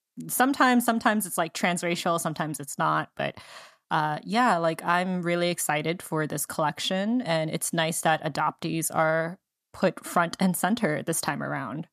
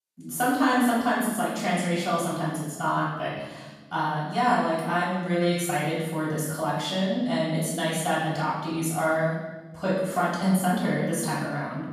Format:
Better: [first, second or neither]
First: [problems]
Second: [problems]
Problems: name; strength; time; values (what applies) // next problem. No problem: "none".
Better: first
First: none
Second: room echo; strong; dies away in 1.2 s // off-mic speech; far